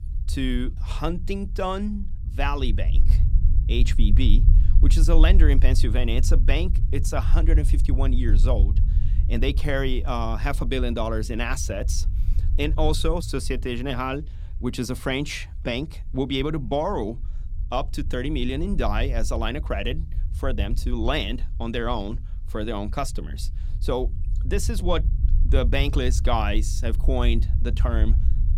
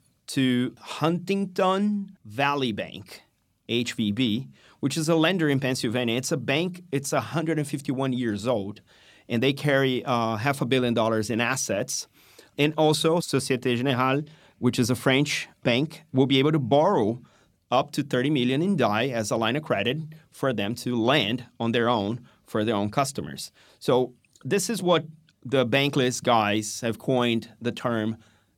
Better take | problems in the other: second | low rumble; noticeable; throughout; 15 dB below the speech

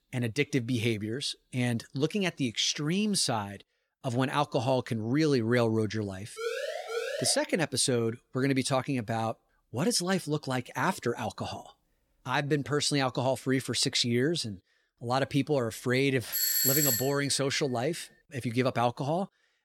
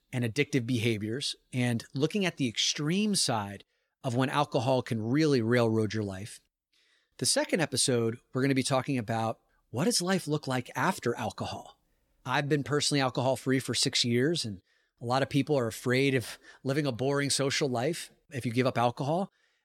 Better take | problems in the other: second | siren; noticeable; from 6.5 to 7.5 s; peak 4 dB below the speech // doorbell; loud; at 16 s; peak 6 dB above the speech

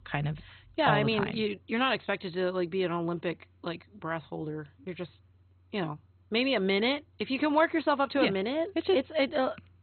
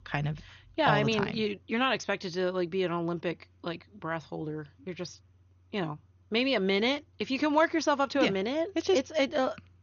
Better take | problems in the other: second | garbled, watery; badly; nothing above 4 kHz; slightly in the second

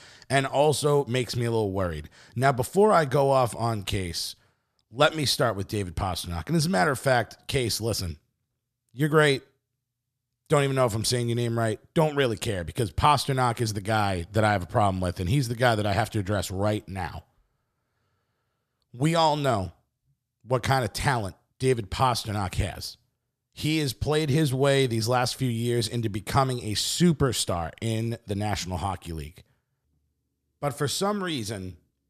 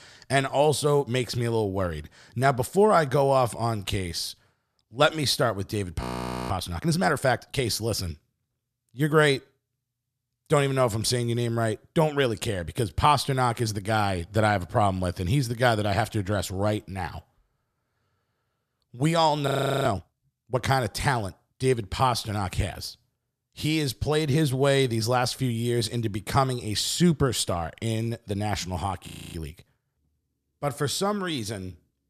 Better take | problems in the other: first | audio freezing; at 6 s, at 19 s and at 29 s

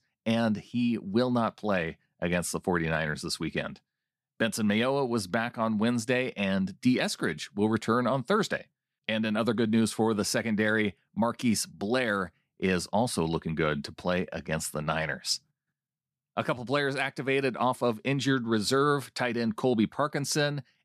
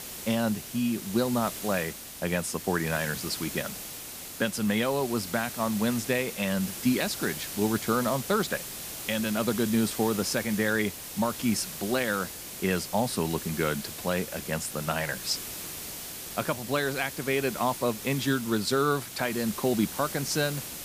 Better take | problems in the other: first | hiss; loud; throughout; 8 dB below the speech

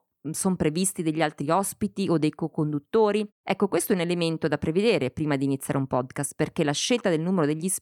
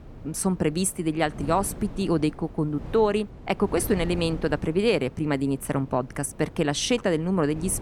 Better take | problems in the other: first | wind noise on the microphone; occasional gusts; 20 dB below the speech

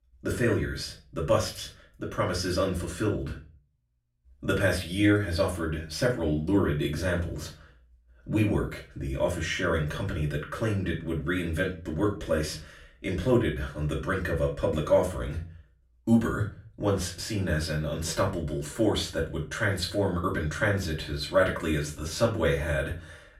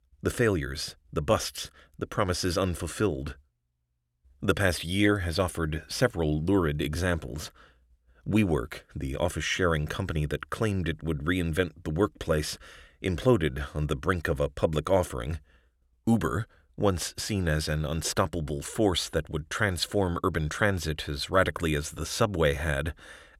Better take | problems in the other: second | room echo; slight; dies away in 0.3 s // off-mic speech; far

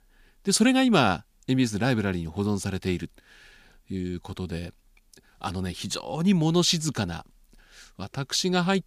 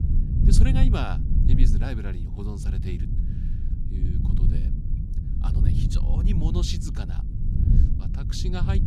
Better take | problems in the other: first | low rumble; loud; throughout; 3 dB below the speech

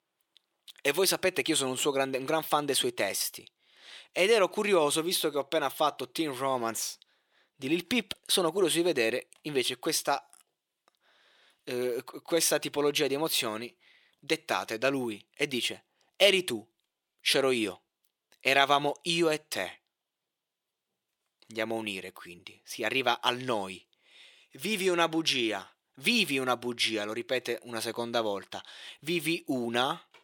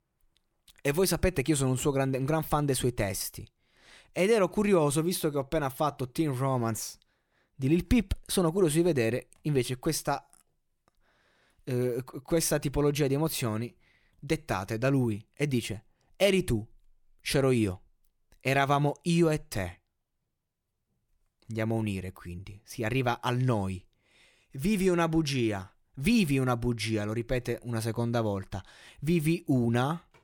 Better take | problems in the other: second | thin; somewhat; fading below 400 Hz

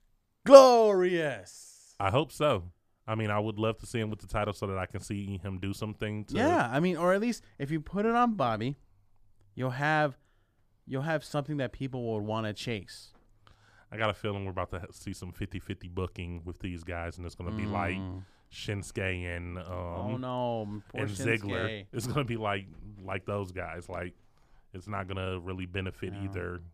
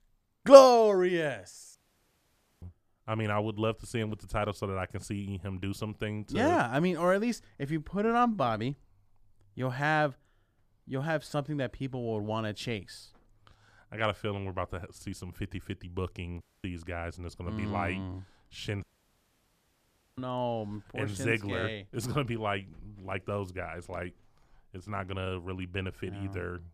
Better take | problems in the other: first | audio cutting out; at 2 s for 1 s, at 16 s and at 19 s for 1.5 s

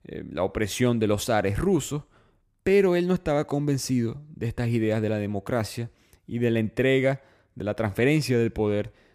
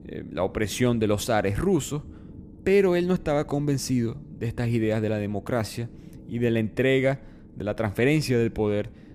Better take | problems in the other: first | low rumble; faint; throughout; 25 dB below the speech

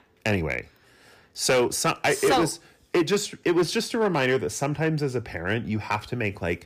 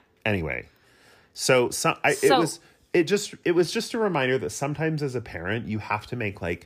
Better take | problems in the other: second | distortion; slight; 5% of the sound clipped

